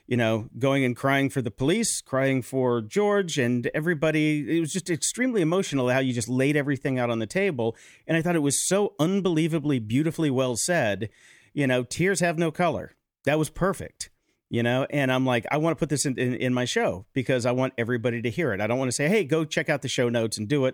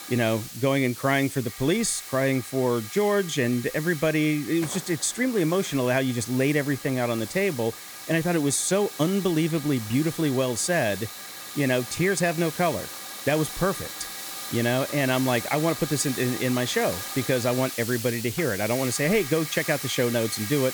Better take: first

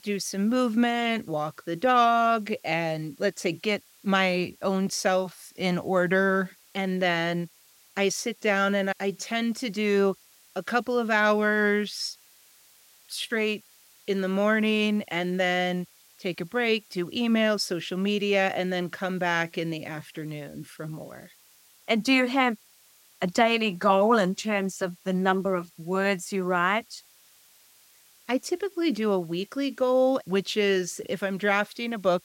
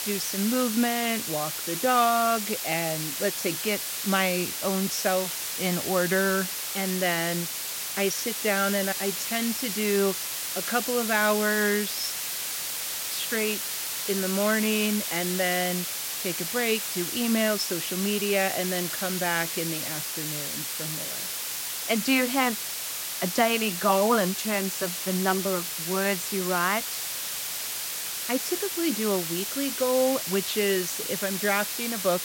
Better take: first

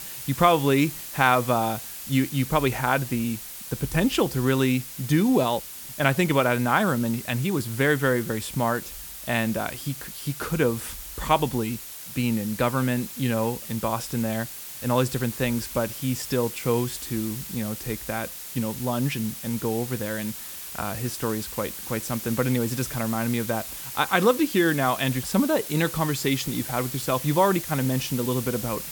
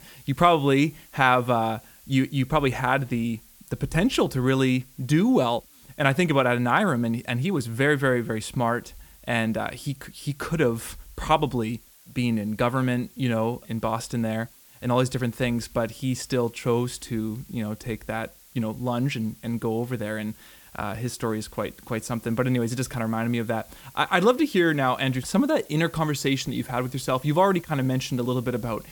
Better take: second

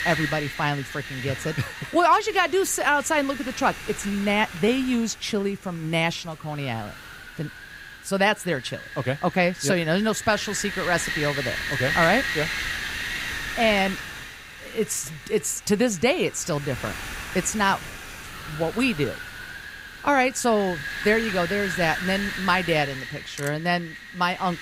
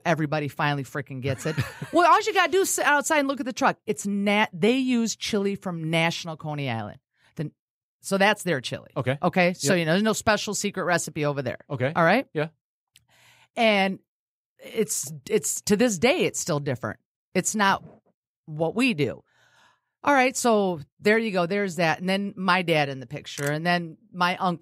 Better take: second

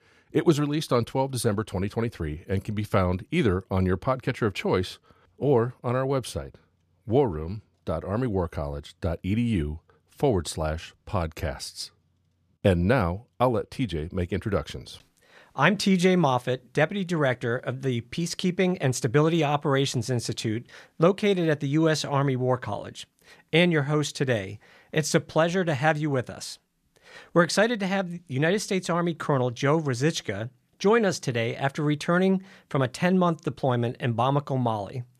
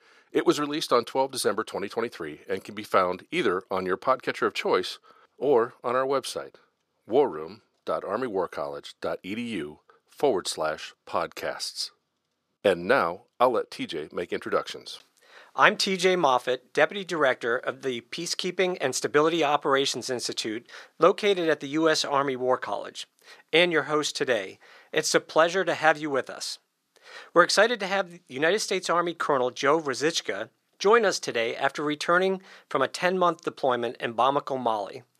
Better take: first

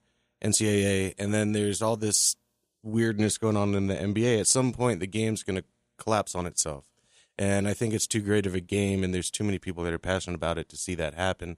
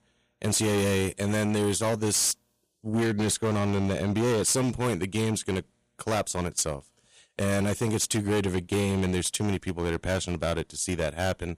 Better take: first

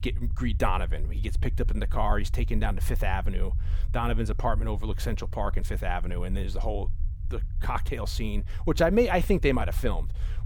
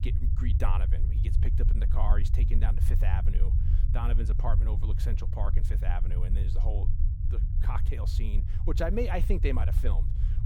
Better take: first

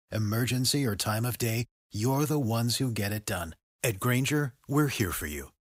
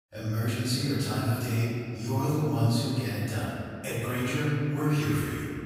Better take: first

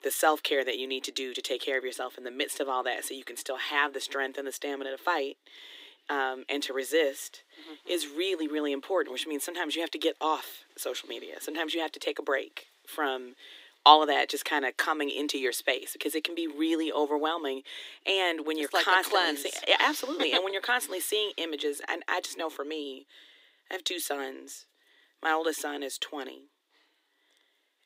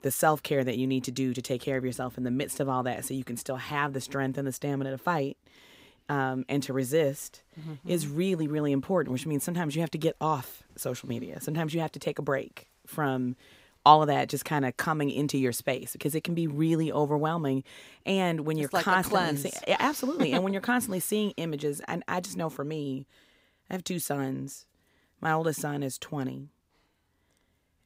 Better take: second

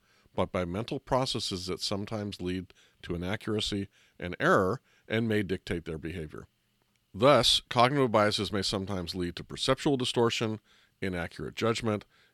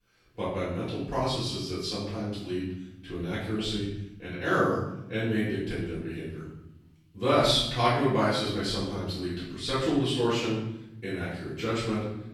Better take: first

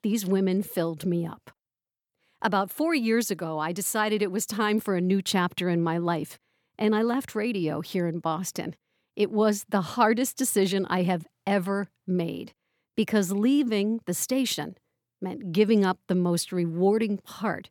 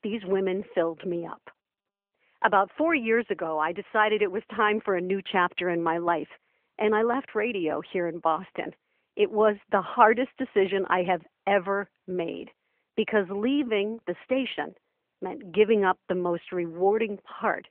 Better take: first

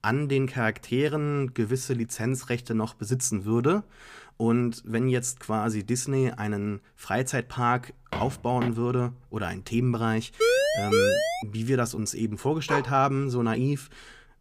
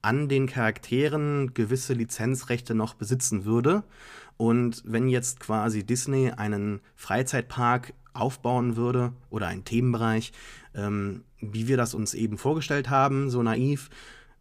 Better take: second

